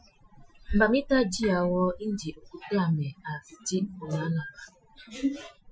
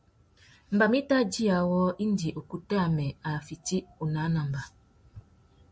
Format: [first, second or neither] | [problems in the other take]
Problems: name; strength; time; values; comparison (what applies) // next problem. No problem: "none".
second | noise reduction (classical method Wiener filter)